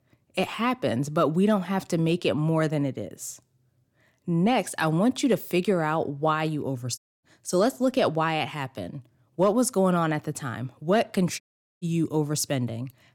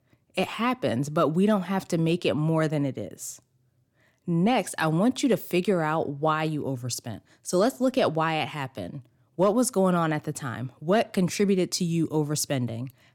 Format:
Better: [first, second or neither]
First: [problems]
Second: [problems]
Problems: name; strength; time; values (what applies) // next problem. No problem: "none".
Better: second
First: audio cutting out; at 7 s and at 11 s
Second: none